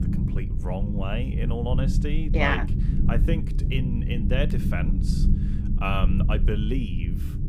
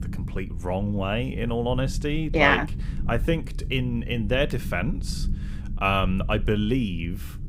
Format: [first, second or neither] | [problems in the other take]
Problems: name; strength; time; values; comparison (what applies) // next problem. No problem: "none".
second | low rumble; loud; throughout; 7 dB below the speech; faint in the second